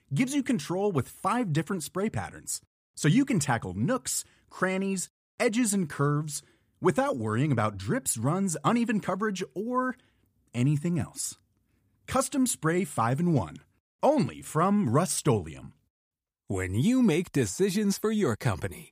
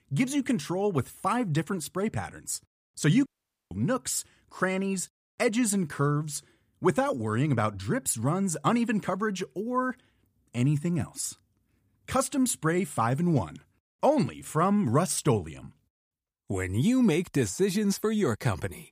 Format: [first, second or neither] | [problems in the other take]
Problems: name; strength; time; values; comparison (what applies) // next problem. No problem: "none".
first | audio cutting out; at 3.5 s